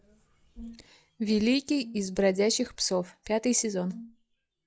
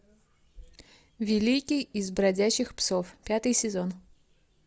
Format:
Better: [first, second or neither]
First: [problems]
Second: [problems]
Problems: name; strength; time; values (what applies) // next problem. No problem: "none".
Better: second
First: noise reduction (classical method log-MMSE)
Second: none